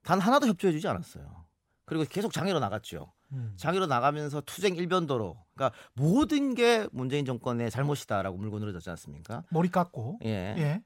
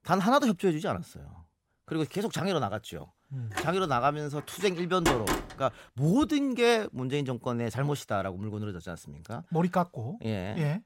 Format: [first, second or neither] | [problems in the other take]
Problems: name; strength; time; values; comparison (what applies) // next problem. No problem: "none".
first | door banging; loud; from 3.5 to 5.5 s; peak 2 dB above the speech